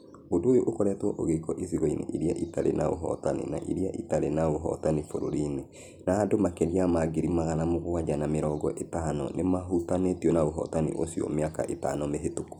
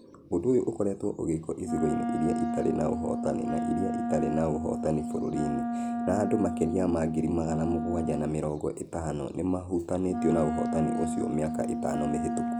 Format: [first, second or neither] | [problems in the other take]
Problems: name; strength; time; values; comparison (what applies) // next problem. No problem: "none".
first | background sound (Wind instrument, woodwind instrument); 2 dB below the speech